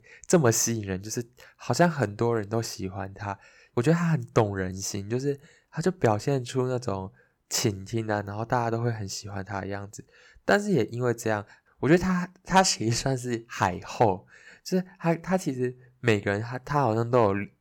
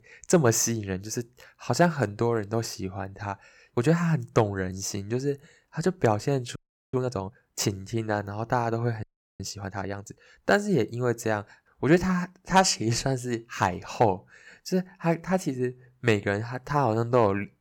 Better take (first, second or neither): first